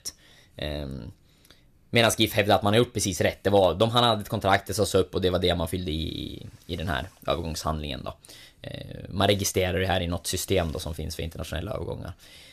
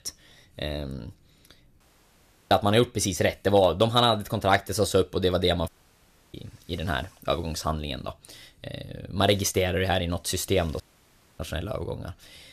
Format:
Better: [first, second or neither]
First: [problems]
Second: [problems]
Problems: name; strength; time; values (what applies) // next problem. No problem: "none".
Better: first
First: none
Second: audio cutting out; at 2 s for 0.5 s, at 5.5 s for 0.5 s and at 11 s for 0.5 s